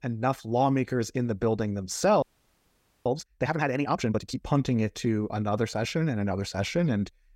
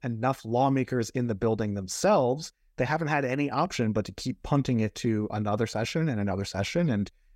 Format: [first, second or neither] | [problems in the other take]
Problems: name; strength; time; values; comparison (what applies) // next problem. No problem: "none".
second | audio freezing; at 2 s for 1 s